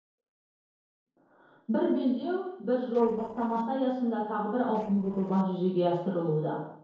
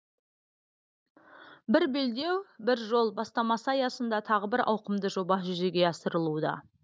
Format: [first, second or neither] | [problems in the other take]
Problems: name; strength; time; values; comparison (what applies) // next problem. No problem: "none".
second | noise reduction (neural separator model SepFormer DNS4)